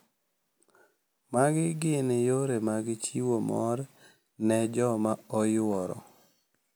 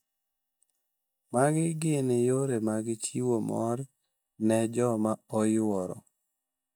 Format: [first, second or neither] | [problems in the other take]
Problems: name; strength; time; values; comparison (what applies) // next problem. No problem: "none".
first | noise reduction (neural mask model DeepFilterNet 3)